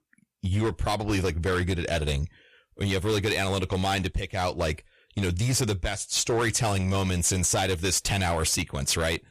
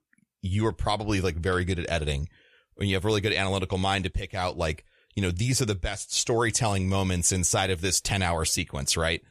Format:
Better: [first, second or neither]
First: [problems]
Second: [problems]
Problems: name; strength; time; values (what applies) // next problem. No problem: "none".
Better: second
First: distortion; slight; 11% of the sound clipped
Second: none